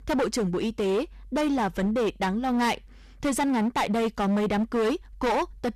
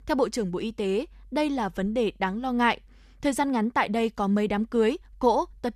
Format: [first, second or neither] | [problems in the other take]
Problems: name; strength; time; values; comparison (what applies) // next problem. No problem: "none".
second | distortion; heavy; 21% of the sound clipped